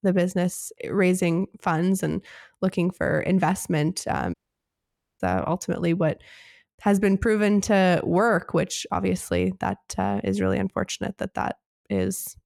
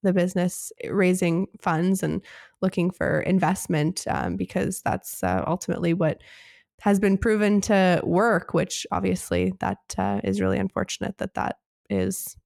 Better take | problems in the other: second | audio cutting out; at 4.5 s for 1 s

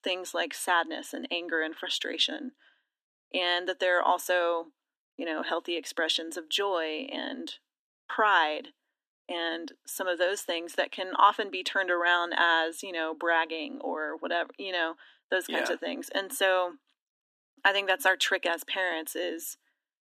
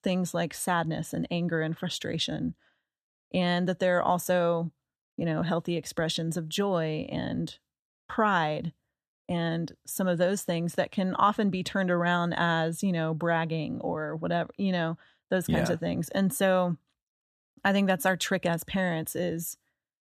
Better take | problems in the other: second | thin; very; fading below 250 Hz

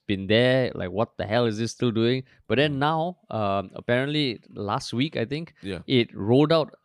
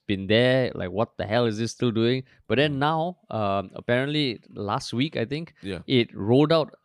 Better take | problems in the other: neither | none

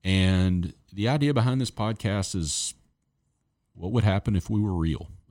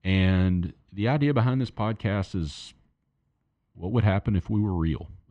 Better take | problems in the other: first | muffled; slightly; fading above 2.5 kHz

